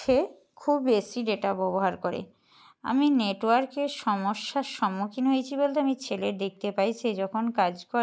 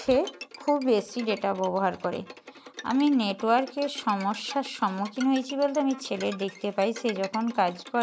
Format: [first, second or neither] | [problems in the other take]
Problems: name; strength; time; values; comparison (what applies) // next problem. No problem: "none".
first | background sound (Bowed string instrument); 17 dB below the speech